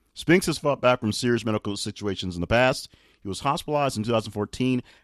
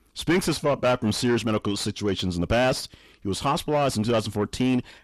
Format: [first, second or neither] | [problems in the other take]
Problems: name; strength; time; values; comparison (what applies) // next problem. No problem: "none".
first | distortion; heavy; 7 dB below the speech